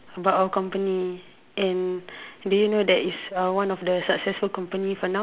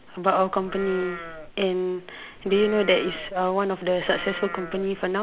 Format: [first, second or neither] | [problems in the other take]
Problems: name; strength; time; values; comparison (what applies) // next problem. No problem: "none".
first | background sound (Livestock, farm animals, working animals); 14 dB below the speech